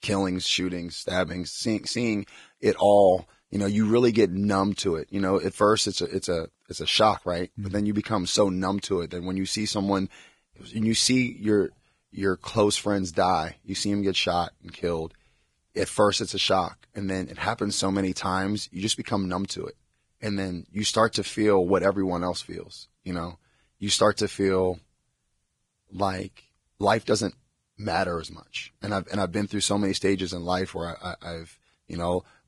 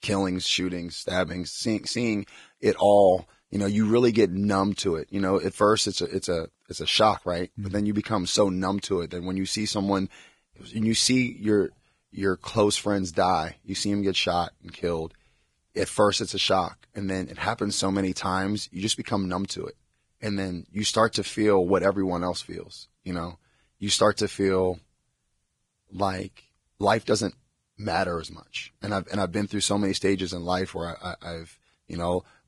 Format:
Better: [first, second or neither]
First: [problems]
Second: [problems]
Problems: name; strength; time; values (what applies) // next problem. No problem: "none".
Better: neither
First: garbled, watery; badly; nothing above 10.5 kHz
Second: garbled, watery; badly; nothing above 10.5 kHz